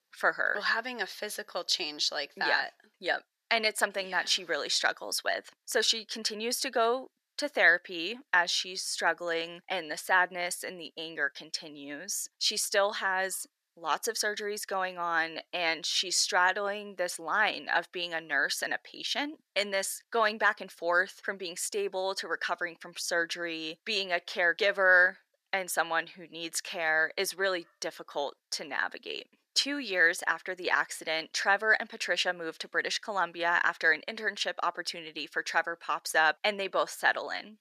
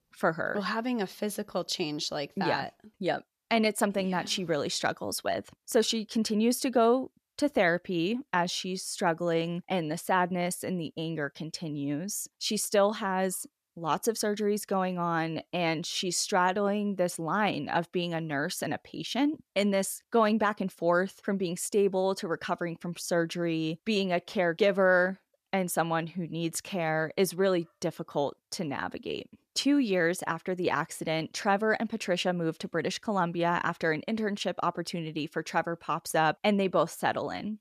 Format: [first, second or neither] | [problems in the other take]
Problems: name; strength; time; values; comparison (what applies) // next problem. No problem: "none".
second | thin; very; fading below 500 Hz